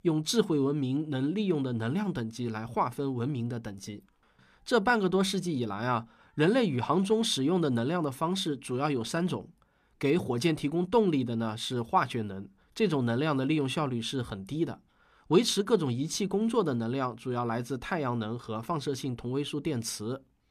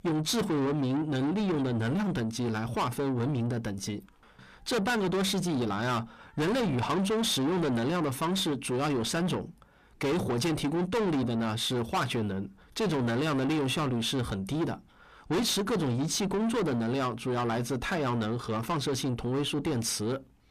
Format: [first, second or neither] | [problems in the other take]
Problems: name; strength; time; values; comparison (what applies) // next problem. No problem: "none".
first | distortion; heavy; 6 dB below the speech